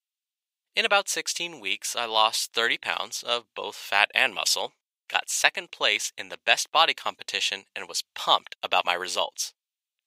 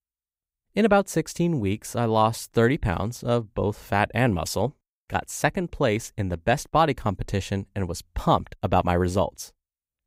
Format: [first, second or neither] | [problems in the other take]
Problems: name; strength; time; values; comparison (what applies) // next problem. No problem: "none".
second | thin; very; fading below 850 Hz